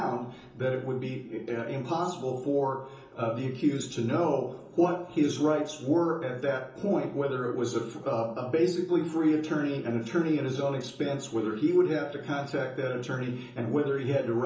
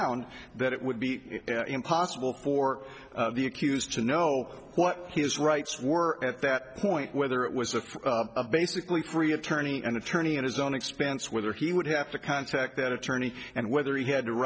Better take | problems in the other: second | room echo; dies away in 0.6 s

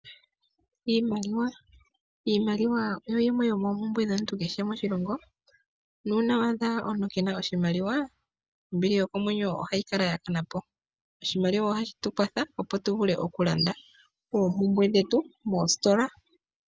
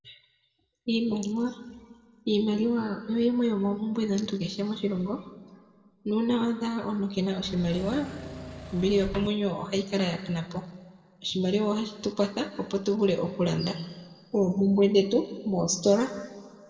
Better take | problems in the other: first | background sound (Engine / Mechanisms); 11 dB below the speech // room echo; dies away in 1.3 s

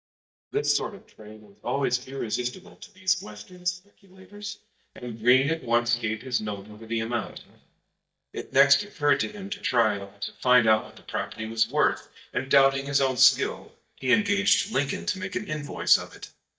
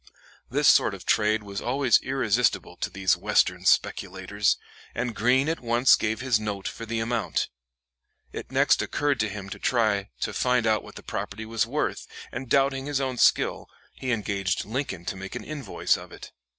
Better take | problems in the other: second | noise reduction (neural mask model DeepFilterNet 3)

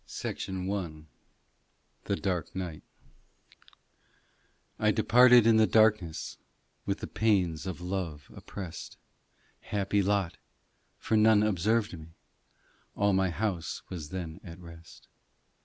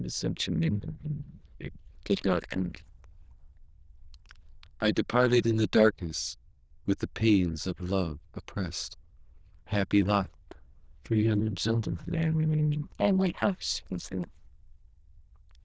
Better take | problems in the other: first | noise reduction (neural diffusion model UNIVERSE++)

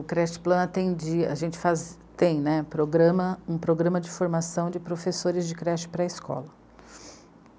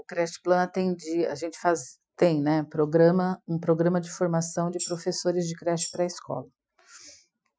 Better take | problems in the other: first | noise reduction (classical method Wiener filter)

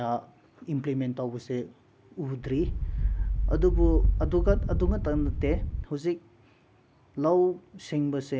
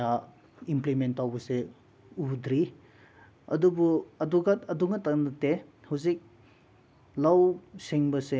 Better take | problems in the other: second | background sound (Thunder / Wind); 4 dB above the speech

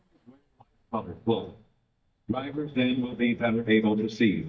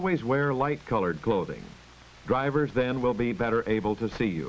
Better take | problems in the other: second | noise reduction (neural mask model DeepFilterNet 3)

